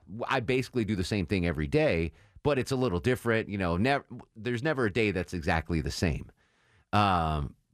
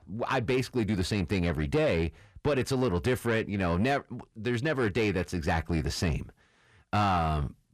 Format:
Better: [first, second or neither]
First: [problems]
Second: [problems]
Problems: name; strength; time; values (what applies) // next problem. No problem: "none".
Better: first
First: none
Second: distortion; slight; 10 dB below the speech